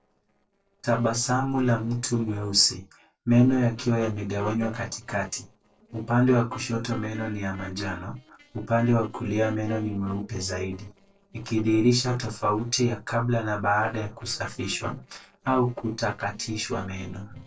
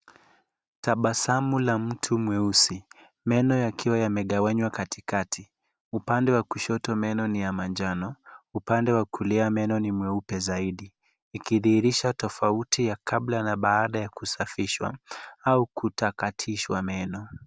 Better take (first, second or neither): second